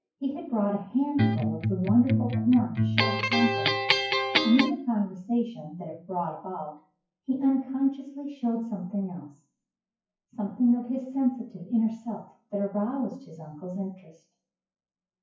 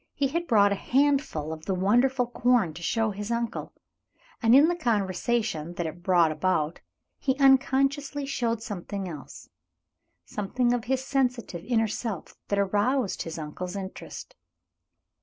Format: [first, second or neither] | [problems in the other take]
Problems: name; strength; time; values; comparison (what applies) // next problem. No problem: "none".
second | noise reduction (classical method WPE with log-MMSE)